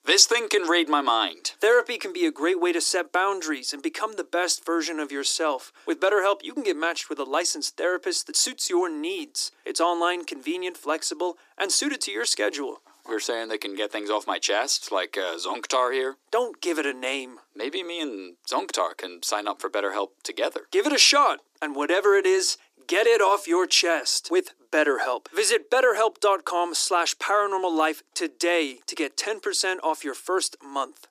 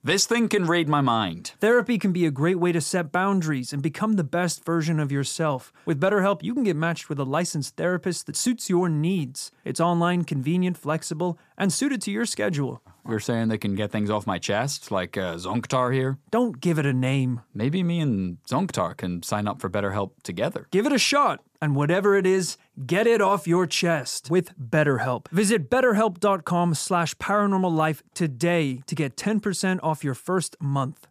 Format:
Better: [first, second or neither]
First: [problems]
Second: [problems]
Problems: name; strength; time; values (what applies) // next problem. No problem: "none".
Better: second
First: thin; very; fading below 300 Hz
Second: none